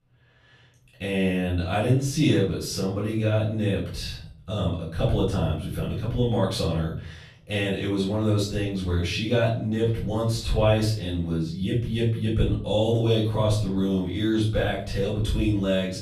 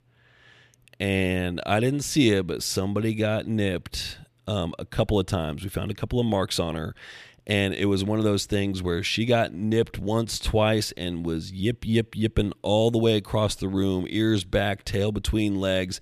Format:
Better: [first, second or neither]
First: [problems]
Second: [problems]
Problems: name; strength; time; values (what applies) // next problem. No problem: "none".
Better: second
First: off-mic speech; far // room echo; noticeable; dies away in 0.5 s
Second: none